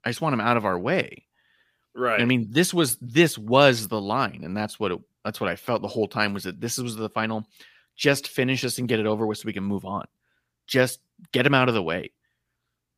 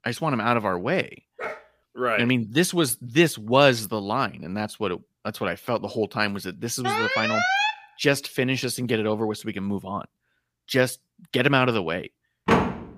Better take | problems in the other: first | dog barking; faint; at 1.5 s; peak 10 dB below the speech // alarm; loud; at 7 s; peak 3 dB above the speech // door banging; loud; at 12 s; peak 3 dB above the speech

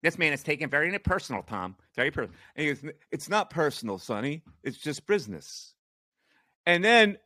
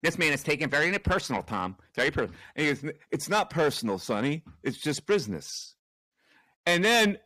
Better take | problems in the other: first | distortion; heavy; 7 dB below the speech

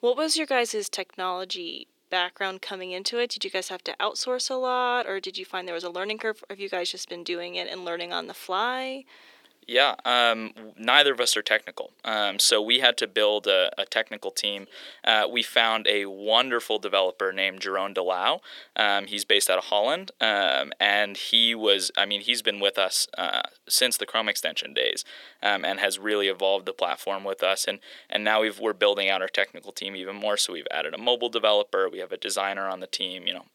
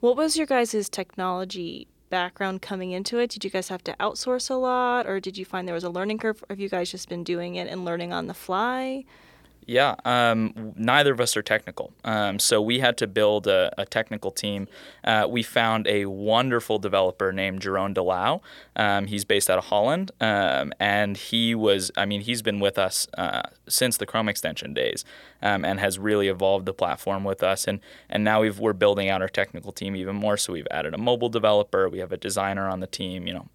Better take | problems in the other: second | thin; somewhat; fading below 300 Hz

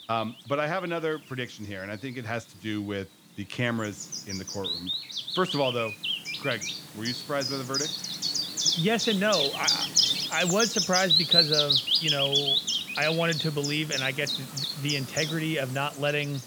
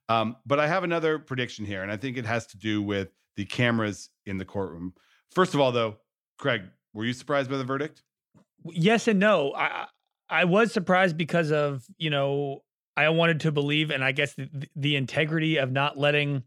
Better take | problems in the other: second | animal sounds; very loud; throughout; 4 dB above the speech

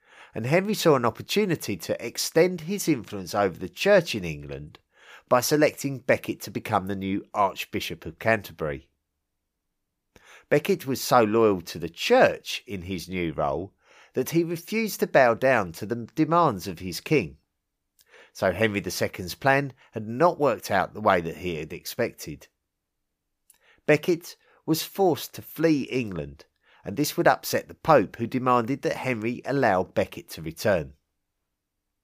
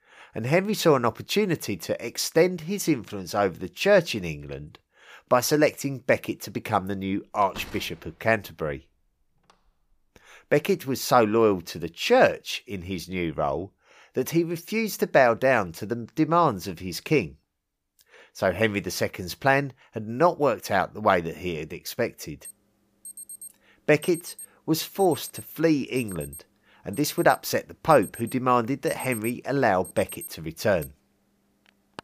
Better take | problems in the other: first | door banging; faint; from 7.5 to 9.5 s; peak 15 dB below the speech // alarm; faint; from 22 s on; peak 10 dB below the speech

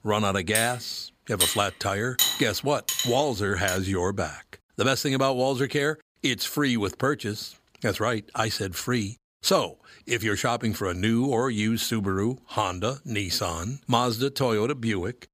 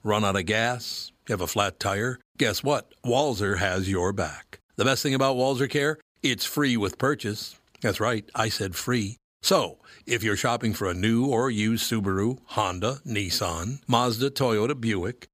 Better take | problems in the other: second | clattering dishes; loud; from 0.5 to 4 s; peak 4 dB above the speech

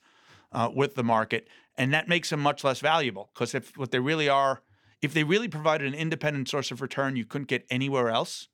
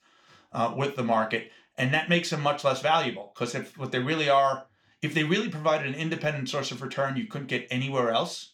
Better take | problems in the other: first | room echo; very slight; dies away in 0.3 s

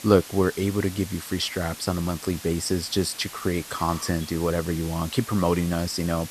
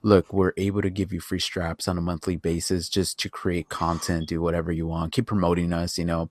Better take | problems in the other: second | hiss; noticeable; throughout; 15 dB below the speech

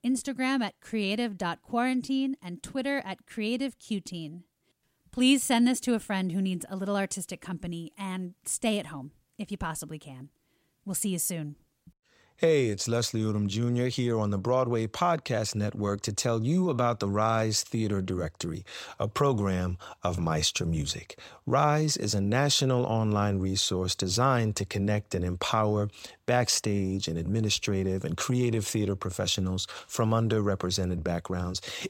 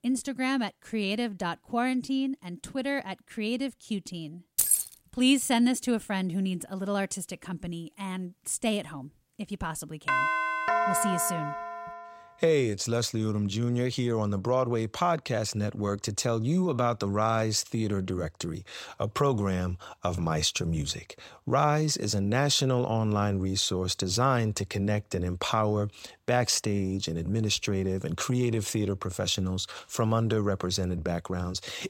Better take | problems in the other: first | jangling keys; loud; at 4.5 s; peak 6 dB above the speech // doorbell; loud; from 10 to 12 s; peak 3 dB above the speech

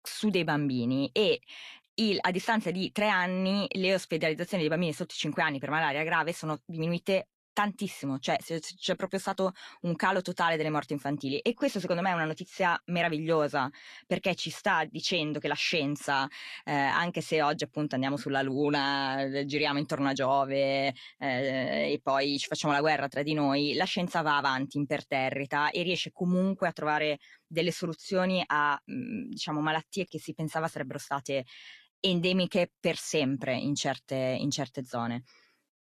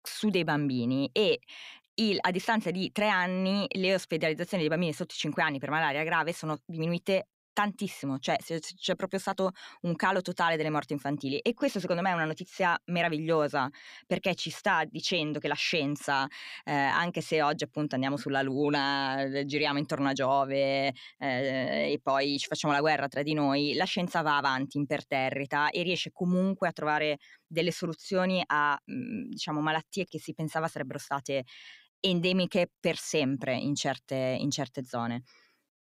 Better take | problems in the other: second | garbled, watery; slightly; nothing above 12.5 kHz

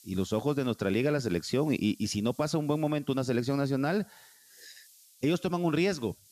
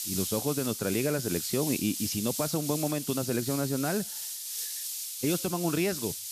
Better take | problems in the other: first | hiss; loud; throughout; 3 dB below the speech; faint in the first

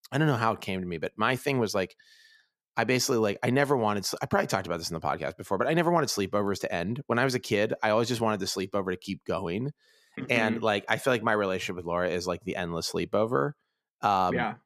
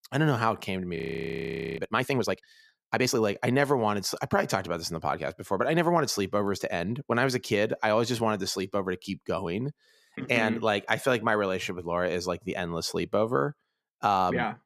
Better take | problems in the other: first | audio freezing; at 1 s for 1 s

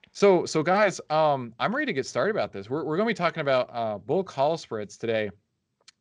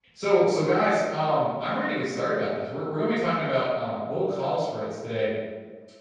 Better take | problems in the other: first | off-mic speech; far // room echo; strong; dies away in 1.2 s

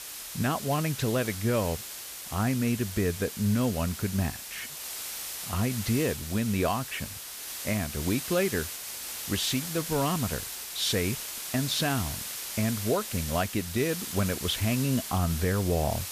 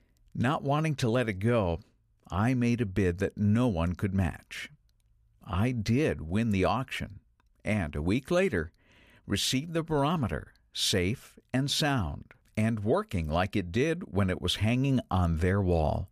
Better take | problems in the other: second | hiss; loud; throughout; 6 dB below the speech

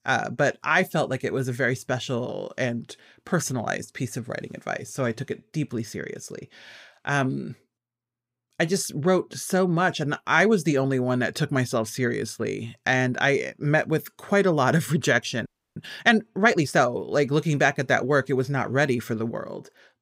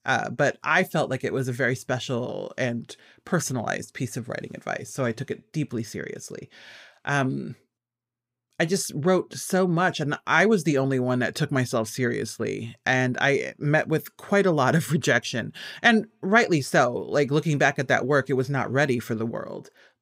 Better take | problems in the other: second | audio freezing; at 15 s

